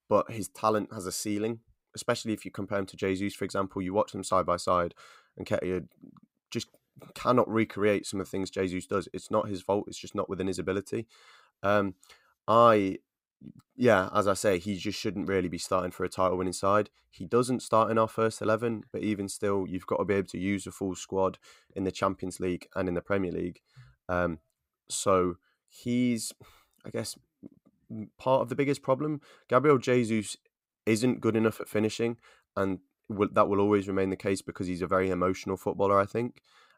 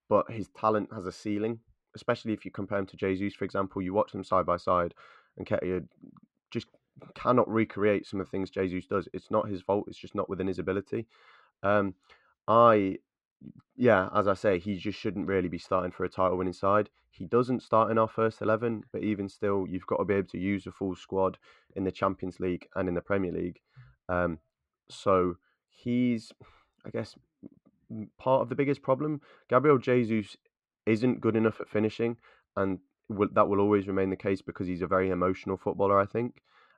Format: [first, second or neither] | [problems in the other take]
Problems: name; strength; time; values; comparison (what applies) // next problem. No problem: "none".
first | muffled; slightly; fading above 3 kHz